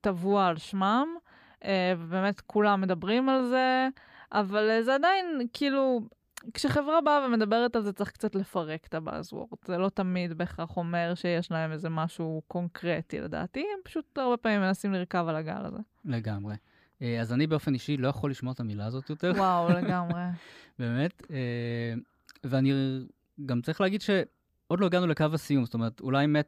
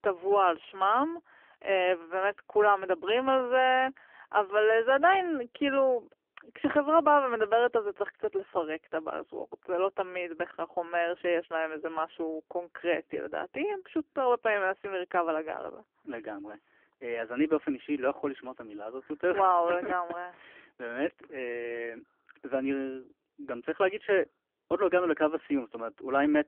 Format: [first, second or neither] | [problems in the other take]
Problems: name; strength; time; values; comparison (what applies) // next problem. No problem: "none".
first | phone-call audio; poor line; nothing above 3 kHz